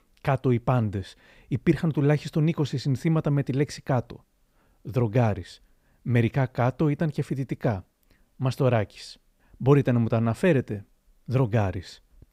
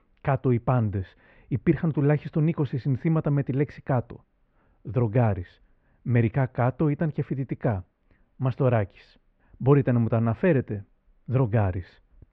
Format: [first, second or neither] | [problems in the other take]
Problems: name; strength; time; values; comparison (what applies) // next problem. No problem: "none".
first | muffled; very; fading above 2.5 kHz